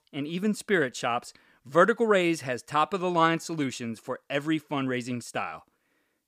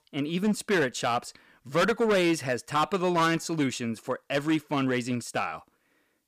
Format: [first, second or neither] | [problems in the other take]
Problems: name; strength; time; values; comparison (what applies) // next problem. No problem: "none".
first | distortion; heavy; 7% of the sound clipped